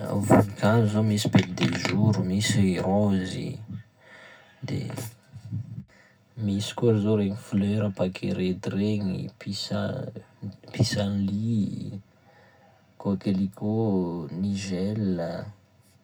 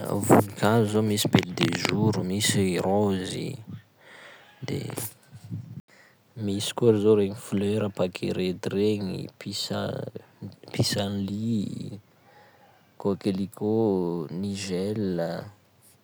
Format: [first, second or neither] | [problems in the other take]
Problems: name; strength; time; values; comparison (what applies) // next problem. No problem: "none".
second | room echo; dies away in 0.4 s